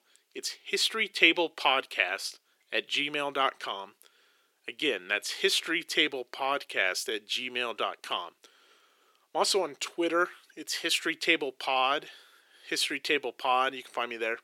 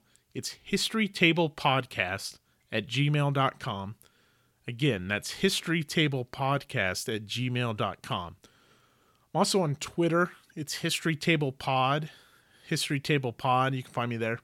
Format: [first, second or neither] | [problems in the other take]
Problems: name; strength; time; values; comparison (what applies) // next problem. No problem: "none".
second | thin; very; fading below 350 Hz